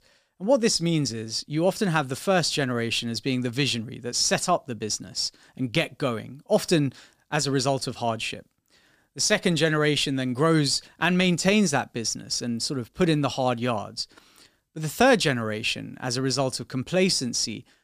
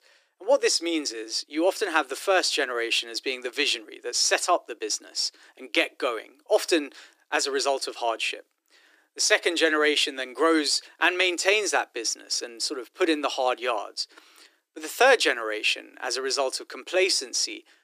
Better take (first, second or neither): first